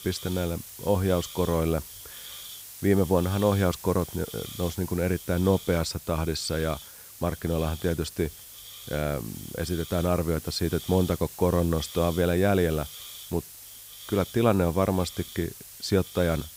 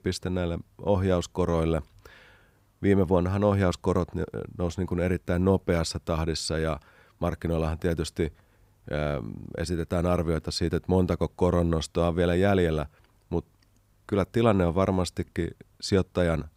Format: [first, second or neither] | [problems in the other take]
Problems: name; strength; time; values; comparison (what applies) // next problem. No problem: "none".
second | hiss; noticeable; throughout; 15 dB below the speech